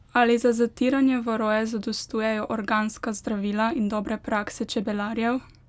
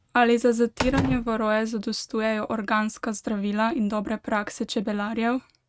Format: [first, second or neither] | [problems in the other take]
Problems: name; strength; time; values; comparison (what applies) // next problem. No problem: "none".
first | noise reduction (neural mask model RNNoise)